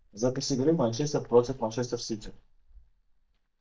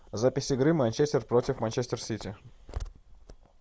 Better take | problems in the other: second | noise reduction (neural mask model DeepFilterNet 3)

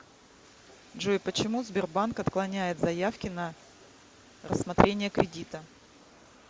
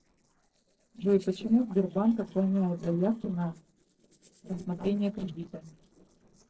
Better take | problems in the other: first | noise reduction (neural separator model SepFormer DNS4)

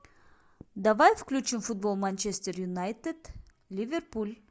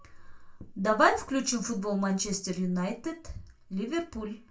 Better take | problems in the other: first | room echo; dies away in 0.2 s

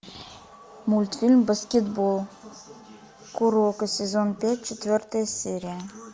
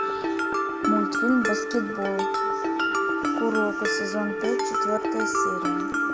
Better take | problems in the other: first | background sound (Mallet percussion); 4 dB above the speech

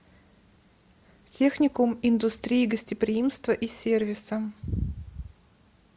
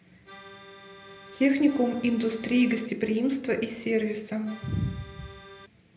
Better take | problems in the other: first | background sound (Accordion); 19 dB below the speech // room echo; dies away in 0.6 s

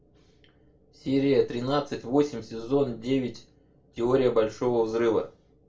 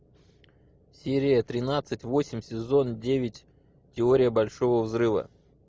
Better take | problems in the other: second | room echo; dies away in 0.3 s

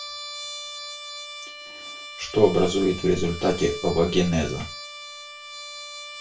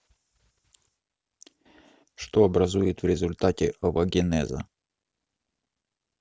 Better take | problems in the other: second | background sound (Trumpet); 12 dB below the speech // room echo; dies away in 0.3 s

